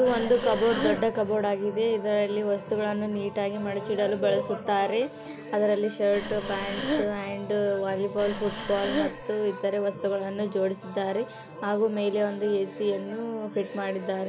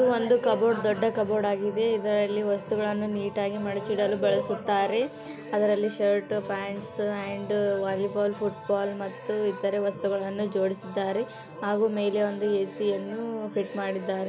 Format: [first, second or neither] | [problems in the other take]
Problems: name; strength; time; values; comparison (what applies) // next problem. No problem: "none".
second | background sound (Breathing); 5 dB below the speech